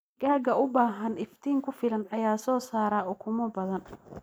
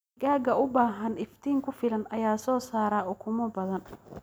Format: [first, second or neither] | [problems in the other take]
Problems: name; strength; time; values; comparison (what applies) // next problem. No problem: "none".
second | noise reduction (neural mask model Resemble Enhance denoiser)